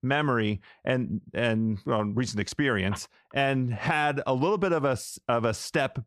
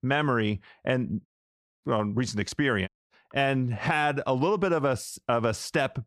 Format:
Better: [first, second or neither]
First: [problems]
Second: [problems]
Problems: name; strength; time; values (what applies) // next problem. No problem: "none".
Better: first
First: none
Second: audio cutting out; at 1.5 s for 0.5 s and at 3 s